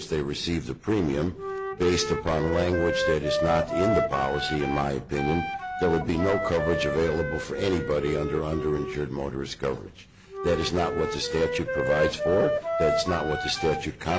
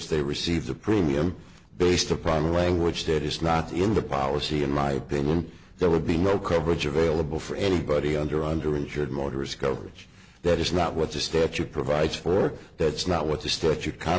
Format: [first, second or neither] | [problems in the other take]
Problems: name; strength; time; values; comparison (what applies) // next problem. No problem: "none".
second | background sound (Wind instrument, woodwind instrument); 4 dB below the speech